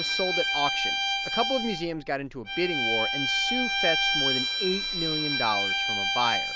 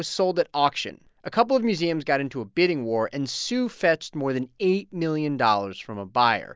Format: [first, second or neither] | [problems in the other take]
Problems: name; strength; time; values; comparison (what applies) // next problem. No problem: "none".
second | background sound (Bowed string instrument); 3 dB above the speech